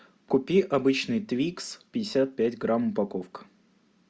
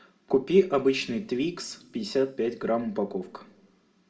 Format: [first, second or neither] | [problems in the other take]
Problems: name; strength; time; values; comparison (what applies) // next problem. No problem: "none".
first | room echo; dies away in 0.9 s